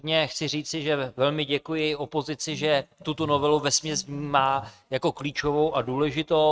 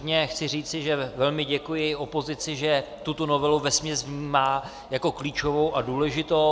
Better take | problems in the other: second | noise reduction (neural mask model RNNoise)

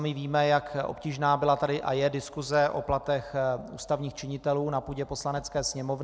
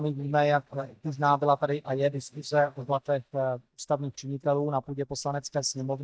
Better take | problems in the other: first | noise reduction (neural mask model DeepFilterNet 3)

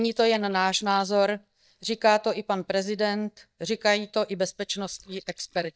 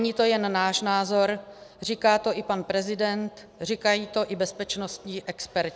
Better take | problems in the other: second | noise reduction (neural mask model DeepFilterNet 3)

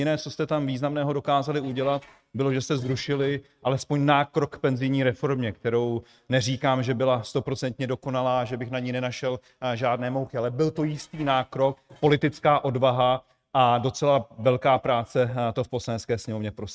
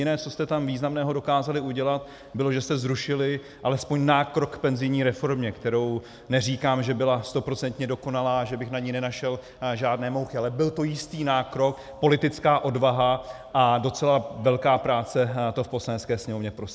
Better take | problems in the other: second | noise reduction (neural mask model RNNoise)

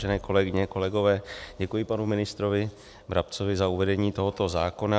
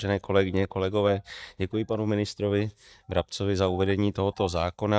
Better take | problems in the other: first | noise reduction (neural mask model DeepFilterNet 3)

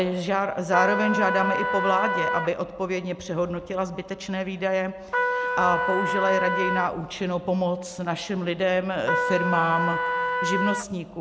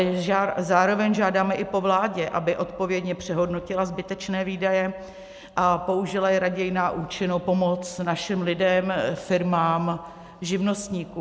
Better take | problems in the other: second | background sound (Trumpet); as loud as the speech

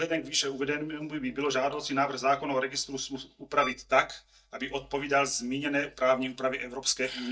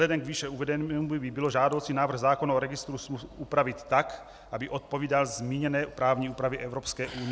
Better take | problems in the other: second | noise reduction (neural mask model DeepFilterNet 3)

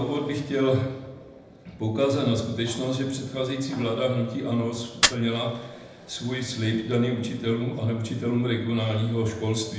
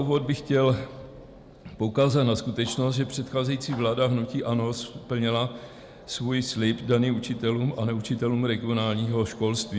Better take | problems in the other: second | background sound (Fire); 11 dB below the speech // room echo; dies away in 0.8 s

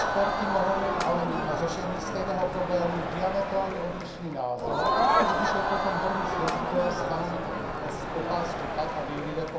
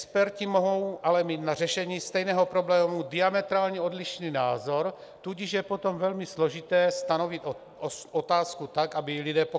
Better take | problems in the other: second | background sound (Crowd); 2 dB above the speech // room echo; dies away in 0.5 s

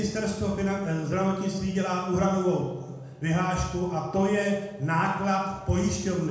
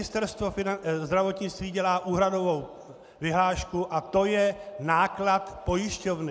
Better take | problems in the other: second | room echo; dies away in 0.9 s

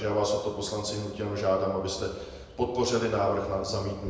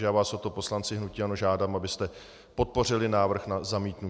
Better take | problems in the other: second | background sound (Bird); 18 dB below the speech // room echo; dies away in 0.9 s

